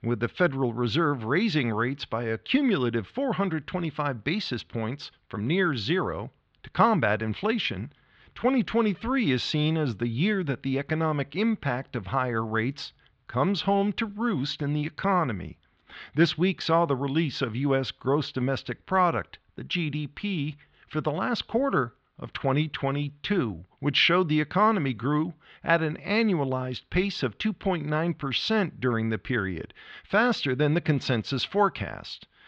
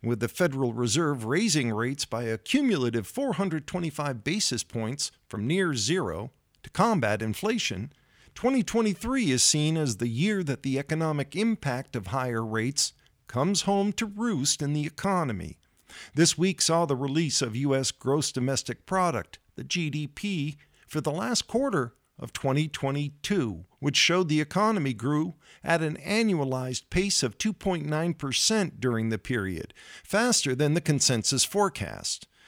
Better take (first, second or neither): second